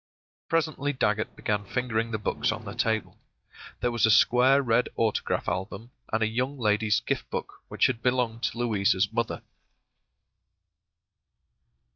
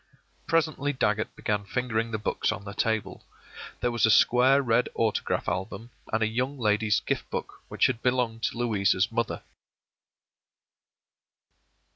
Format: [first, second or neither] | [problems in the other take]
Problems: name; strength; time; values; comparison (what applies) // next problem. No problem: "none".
second | noise reduction (neural mask model DeepFilterNet 3)